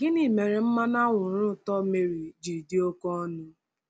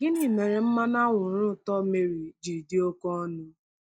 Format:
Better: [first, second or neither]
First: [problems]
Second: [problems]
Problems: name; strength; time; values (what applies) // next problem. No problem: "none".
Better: first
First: none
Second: noise reduction (neural mask model DeepFilterNet 3)